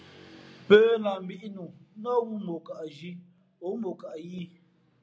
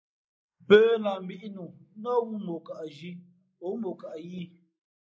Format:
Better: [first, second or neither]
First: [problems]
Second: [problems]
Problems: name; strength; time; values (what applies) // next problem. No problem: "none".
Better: first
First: none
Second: noise reduction (neural mask model Resemble Enhance denoiser)